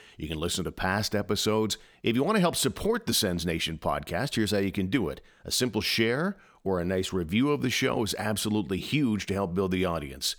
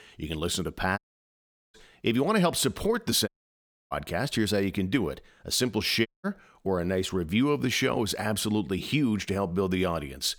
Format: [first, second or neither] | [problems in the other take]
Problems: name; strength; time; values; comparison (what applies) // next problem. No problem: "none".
first | audio cutting out; at 1 s for 1 s, at 3.5 s for 0.5 s and at 6 s